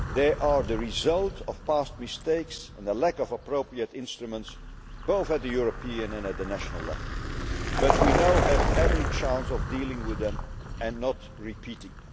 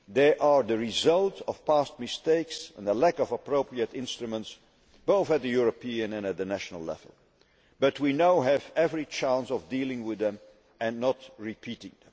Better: second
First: background sound (Vehicle); 1 dB below the speech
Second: none

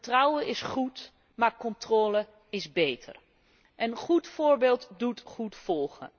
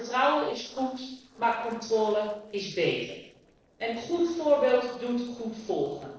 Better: first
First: none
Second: noise reduction (neural separator model SepFormer DNS4)

